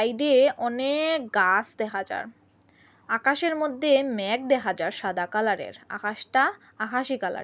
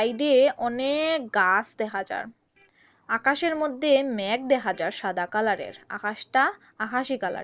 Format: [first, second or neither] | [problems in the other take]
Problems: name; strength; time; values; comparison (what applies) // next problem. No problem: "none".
first | noise reduction (neural separator model SepFormer DNS4)